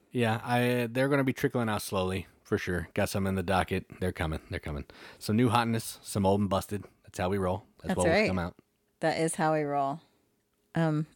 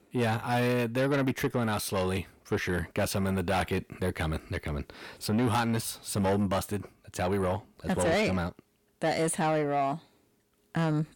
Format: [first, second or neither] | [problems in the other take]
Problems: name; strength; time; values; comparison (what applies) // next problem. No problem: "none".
first | distortion; slight; 10 dB below the speech